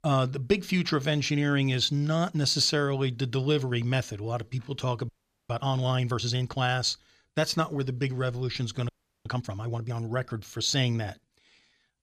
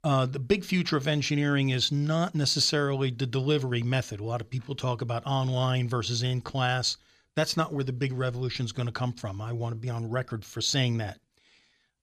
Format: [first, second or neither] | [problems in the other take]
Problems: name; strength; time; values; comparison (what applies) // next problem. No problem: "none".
second | audio freezing; at 5 s and at 9 s